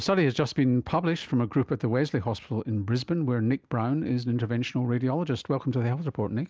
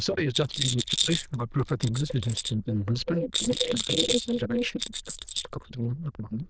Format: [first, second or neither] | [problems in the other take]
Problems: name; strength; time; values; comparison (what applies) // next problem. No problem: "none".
first | noise reduction (neural diffusion model UNIVERSE++)